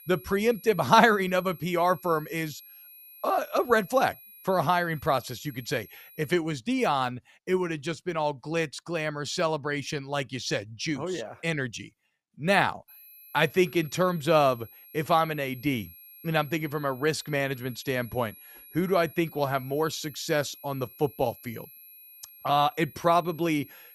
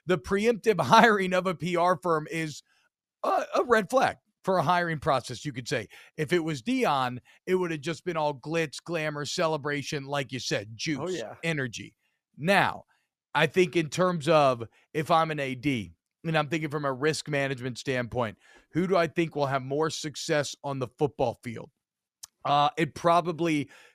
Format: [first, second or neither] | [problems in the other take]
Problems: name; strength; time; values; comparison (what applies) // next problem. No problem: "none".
second | high-pitched whine; faint; until 6.5 s and from 13 s on; 11.5 kHz, 20 dB below the speech